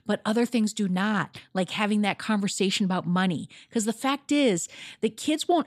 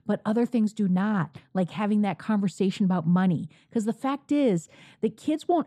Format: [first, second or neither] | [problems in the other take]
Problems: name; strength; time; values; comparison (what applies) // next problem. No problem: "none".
first | muffled; slightly; fading above 1.5 kHz